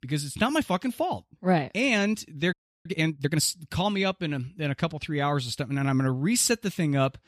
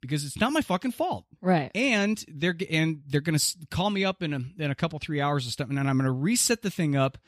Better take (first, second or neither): second